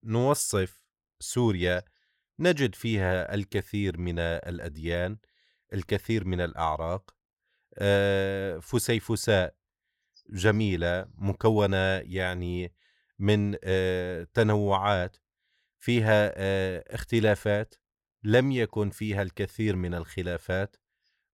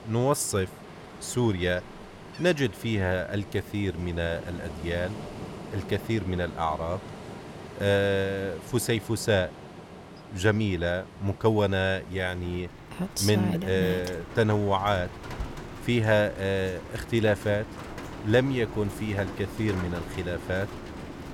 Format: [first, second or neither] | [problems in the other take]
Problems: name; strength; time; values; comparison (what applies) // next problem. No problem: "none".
first | rain or running water; noticeable; throughout; 10 dB below the speech